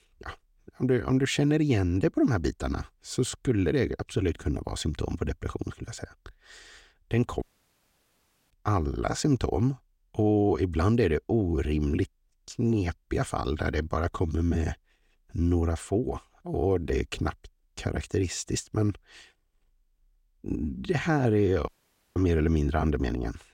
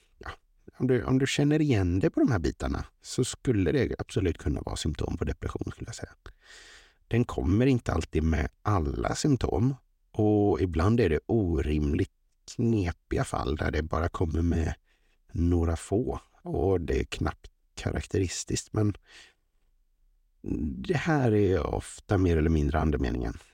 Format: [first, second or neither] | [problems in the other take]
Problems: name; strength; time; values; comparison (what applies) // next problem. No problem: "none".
second | audio cutting out; at 7.5 s for 1 s and at 22 s